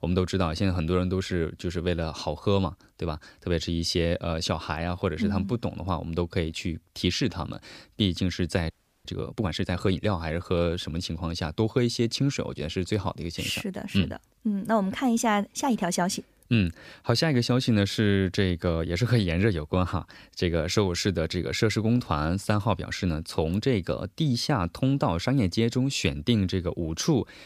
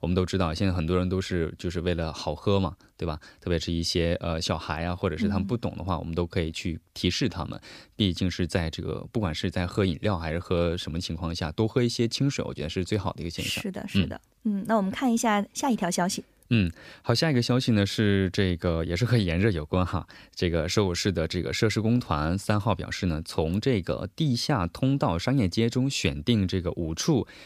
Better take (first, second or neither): second